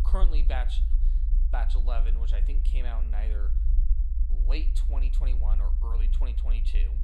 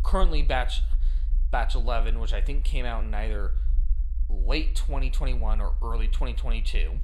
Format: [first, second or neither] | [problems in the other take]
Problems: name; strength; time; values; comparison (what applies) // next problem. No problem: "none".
second | low rumble; loud; throughout; 9 dB below the speech; faint in the second